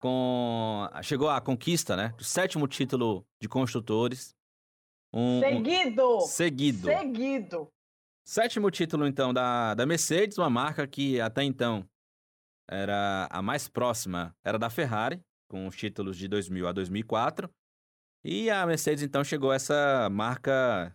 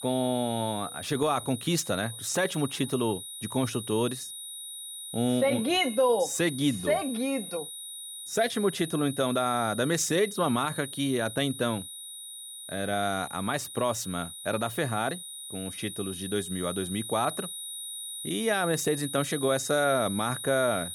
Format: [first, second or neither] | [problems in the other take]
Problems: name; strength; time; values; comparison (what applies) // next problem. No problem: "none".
first | high-pitched whine; loud; throughout; 9.5 kHz, 9 dB below the speech